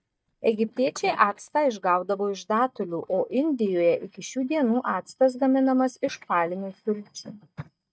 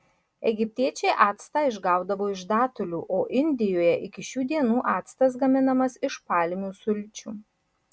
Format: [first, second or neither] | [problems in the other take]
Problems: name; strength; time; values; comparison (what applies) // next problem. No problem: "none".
second | noise reduction (neural mask model DeepFilterNet 3)